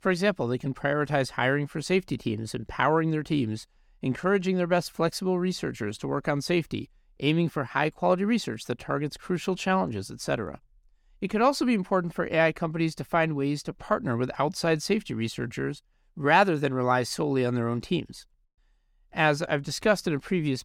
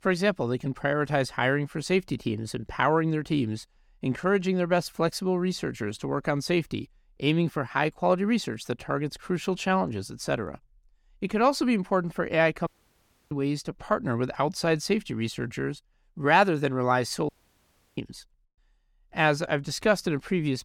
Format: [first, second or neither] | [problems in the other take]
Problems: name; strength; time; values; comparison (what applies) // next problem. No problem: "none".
first | audio cutting out; at 13 s for 0.5 s and at 17 s for 0.5 s